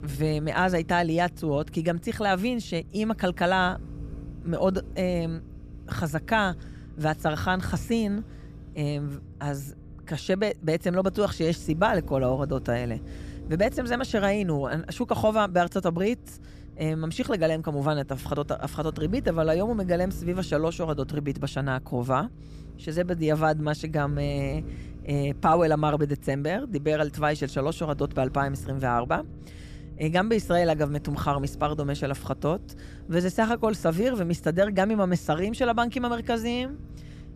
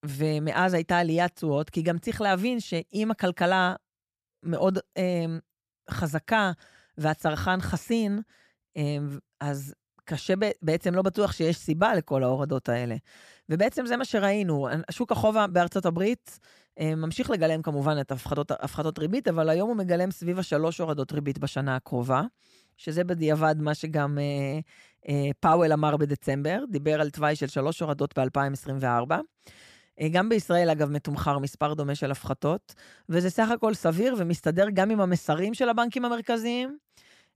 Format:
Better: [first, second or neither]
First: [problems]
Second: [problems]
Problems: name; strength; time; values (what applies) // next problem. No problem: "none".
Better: second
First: low rumble; faint; throughout; 25 dB below the speech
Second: none